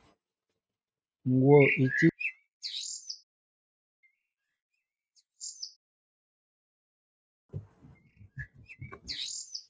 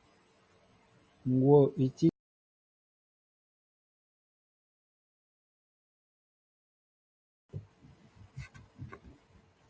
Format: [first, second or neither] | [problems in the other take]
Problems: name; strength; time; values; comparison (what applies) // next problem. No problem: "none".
second | noise reduction (neural mask model RNNoise)